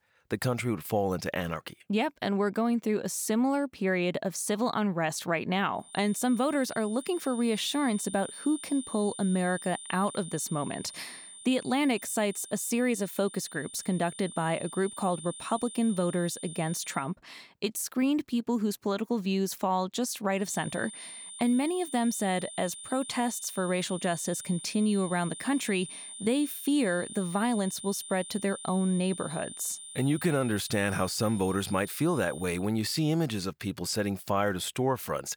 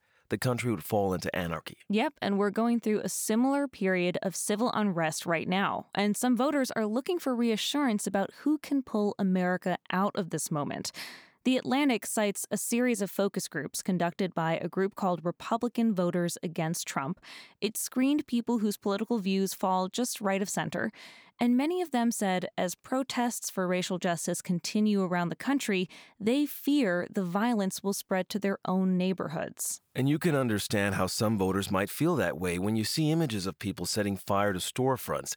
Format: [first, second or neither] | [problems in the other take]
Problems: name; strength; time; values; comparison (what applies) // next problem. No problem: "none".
second | high-pitched whine; noticeable; from 6 to 17 s and from 20 to 33 s; 9 kHz, 10 dB below the speech